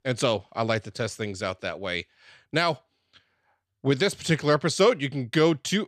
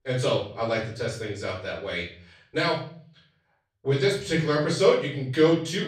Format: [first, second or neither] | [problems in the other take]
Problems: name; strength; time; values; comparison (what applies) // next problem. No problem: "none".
first | off-mic speech; far // room echo; noticeable; dies away in 0.4 s